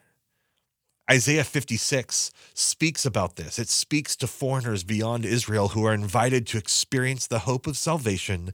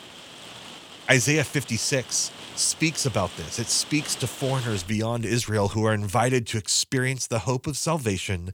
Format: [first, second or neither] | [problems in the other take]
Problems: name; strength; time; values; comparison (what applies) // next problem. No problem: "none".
first | rain or running water; noticeable; until 6 s; 15 dB below the speech